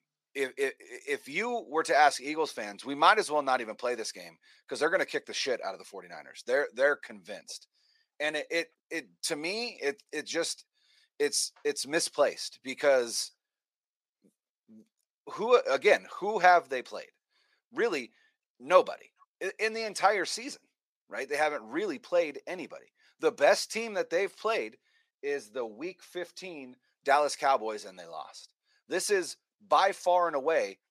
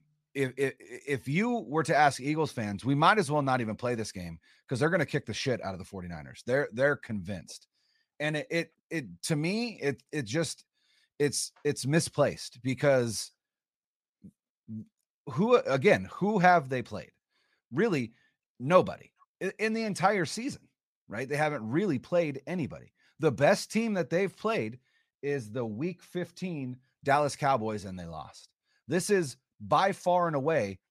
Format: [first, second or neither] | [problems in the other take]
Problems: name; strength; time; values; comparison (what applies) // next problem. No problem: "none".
second | thin; somewhat; fading below 400 Hz